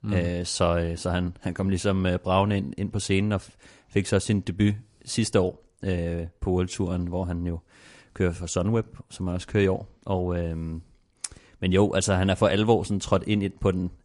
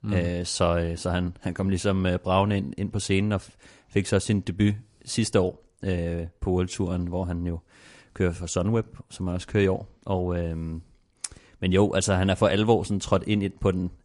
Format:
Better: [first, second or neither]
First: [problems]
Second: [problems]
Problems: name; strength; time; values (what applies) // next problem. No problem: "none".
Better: neither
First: garbled, watery; slightly; nothing above 10.5 kHz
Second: garbled, watery; slightly; nothing above 10.5 kHz